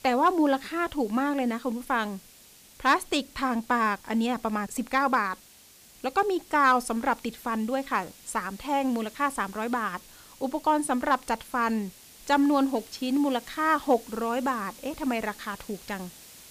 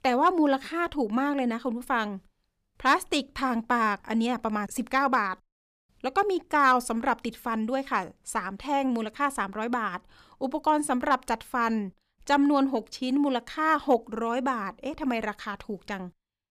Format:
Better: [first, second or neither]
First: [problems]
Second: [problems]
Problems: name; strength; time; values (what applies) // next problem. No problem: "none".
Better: second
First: hiss; faint; throughout; 20 dB below the speech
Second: none